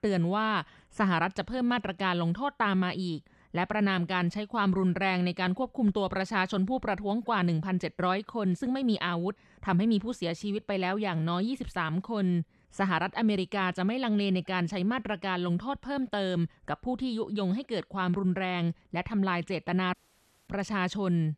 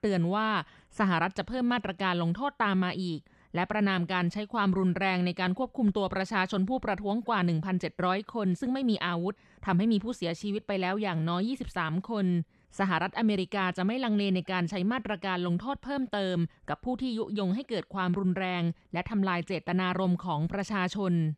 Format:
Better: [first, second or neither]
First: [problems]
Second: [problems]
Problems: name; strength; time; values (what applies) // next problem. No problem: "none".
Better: second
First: audio cutting out; at 20 s for 0.5 s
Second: none